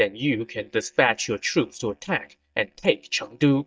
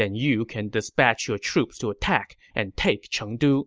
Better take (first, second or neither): second